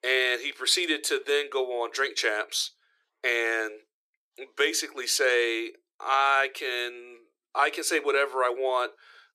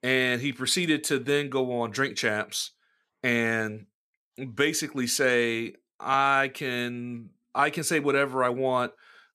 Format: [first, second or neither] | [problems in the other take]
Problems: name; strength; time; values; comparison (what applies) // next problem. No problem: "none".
second | thin; very; fading below 350 Hz